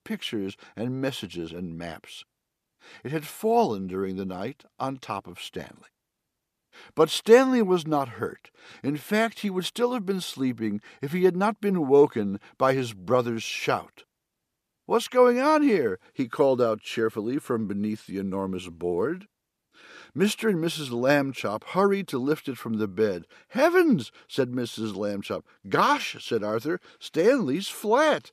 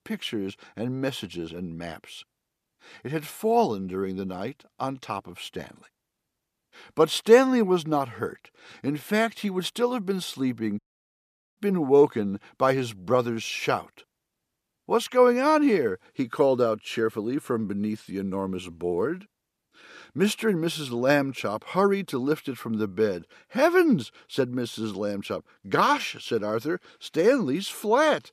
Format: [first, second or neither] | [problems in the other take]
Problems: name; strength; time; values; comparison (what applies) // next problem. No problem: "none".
first | audio cutting out; at 11 s for 1 s